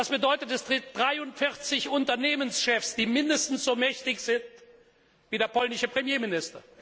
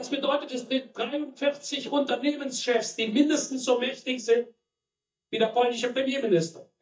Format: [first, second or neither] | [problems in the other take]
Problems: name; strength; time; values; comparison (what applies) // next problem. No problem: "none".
first | noise reduction (neural mask model DeepFilterNet 3)